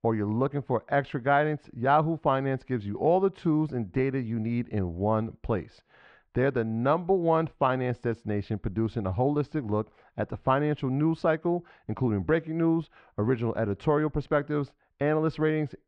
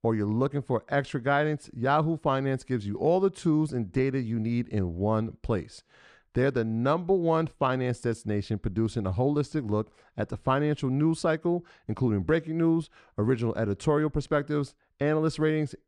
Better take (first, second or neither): second